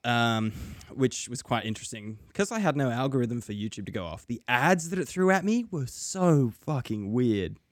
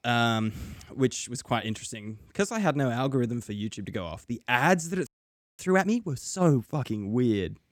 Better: first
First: none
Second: audio freezing; at 5 s for 0.5 s

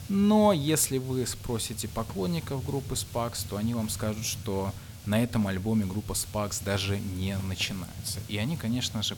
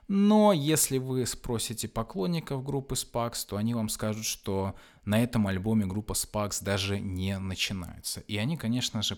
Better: second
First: hiss; noticeable; throughout; 10 dB below the speech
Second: none

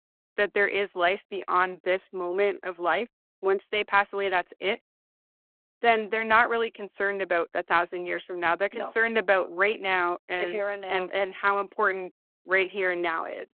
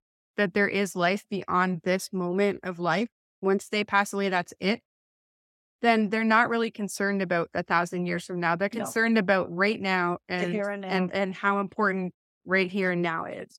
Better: second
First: phone-call audio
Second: none

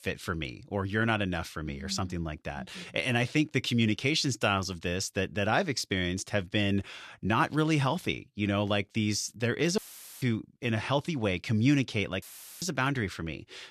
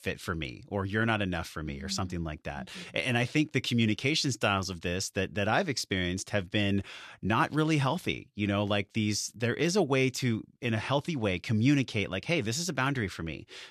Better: second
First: audio cutting out; filled with static; at 10 s and at 12 s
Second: none

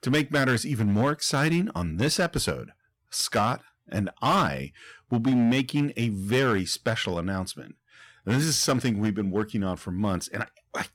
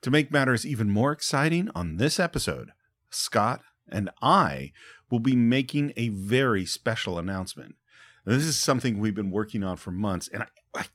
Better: second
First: distortion; slight; 6% of the sound clipped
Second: none

